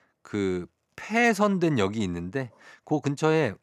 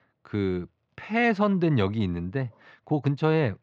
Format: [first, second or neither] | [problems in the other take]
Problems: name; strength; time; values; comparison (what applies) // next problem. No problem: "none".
first | muffled; slightly; fading above 4 kHz